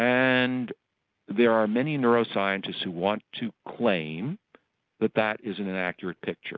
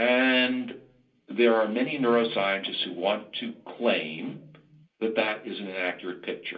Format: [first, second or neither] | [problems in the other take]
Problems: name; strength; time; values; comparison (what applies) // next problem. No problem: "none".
first | room echo; dies away in 0.3 s